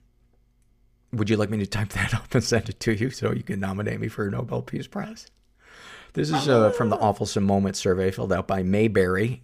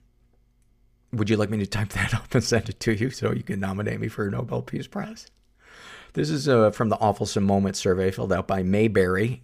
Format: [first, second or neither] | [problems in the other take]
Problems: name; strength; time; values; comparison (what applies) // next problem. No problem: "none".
second | dog barking; noticeable; at 6.5 s; peak 3 dB below the speech